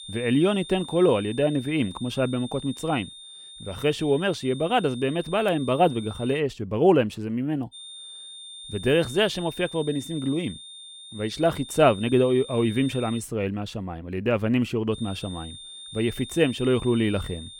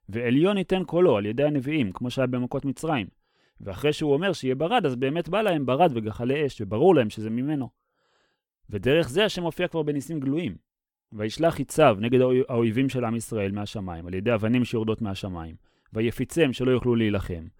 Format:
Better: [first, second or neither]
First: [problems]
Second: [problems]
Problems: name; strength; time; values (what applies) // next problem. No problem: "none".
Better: second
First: high-pitched whine; noticeable; until 6.5 s, from 7.5 to 13 s and from 15 s on; 3.5 kHz, 15 dB below the speech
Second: none